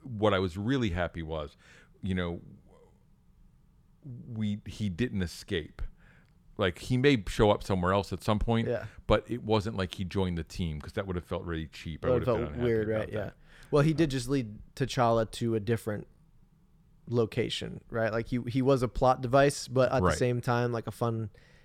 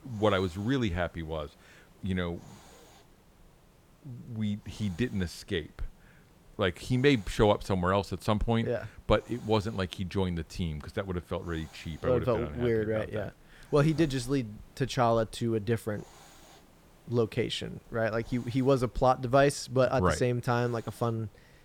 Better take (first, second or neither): first